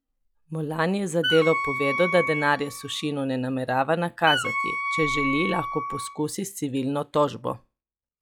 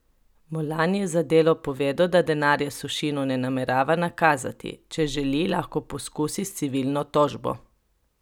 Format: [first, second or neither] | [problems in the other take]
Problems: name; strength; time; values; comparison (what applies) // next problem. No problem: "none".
second | noise reduction (classical method log-MMSE)